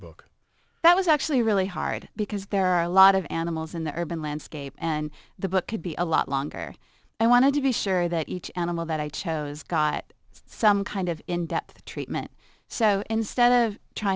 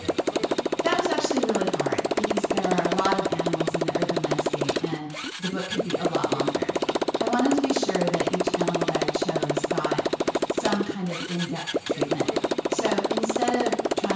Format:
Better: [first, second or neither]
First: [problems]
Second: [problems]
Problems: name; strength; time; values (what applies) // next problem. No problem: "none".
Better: first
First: none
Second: background sound (Motorcycle); 5 dB above the speech // room echo; dies away in 0.5 s